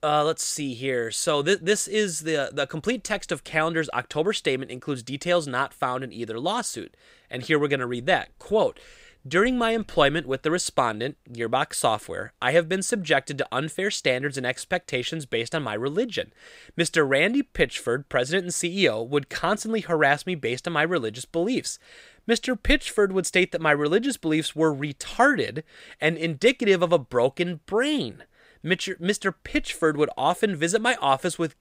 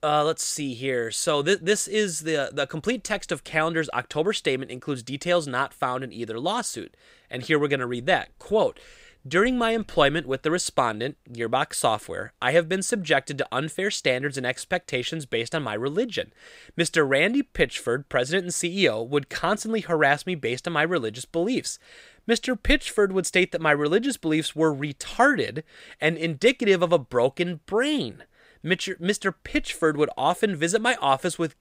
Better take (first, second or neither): neither